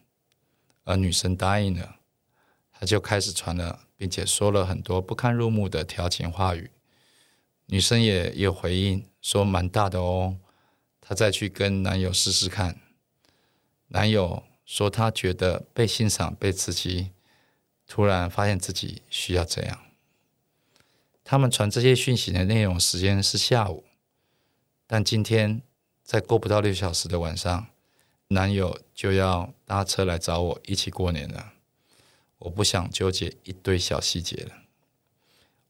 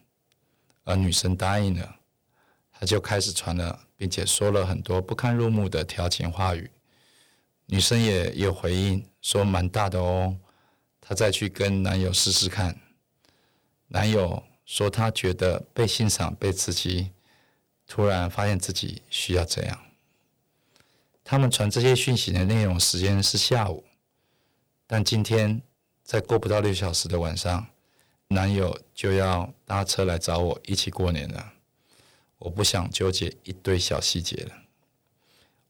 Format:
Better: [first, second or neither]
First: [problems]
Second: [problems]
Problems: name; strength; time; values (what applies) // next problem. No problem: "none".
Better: first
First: none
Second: distortion; slight; 2% of the sound clipped